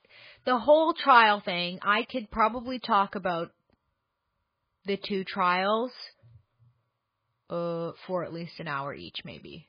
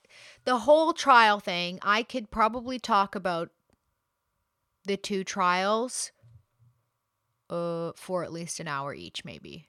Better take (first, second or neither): second